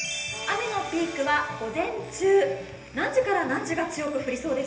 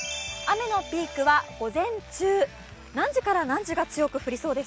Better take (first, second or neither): second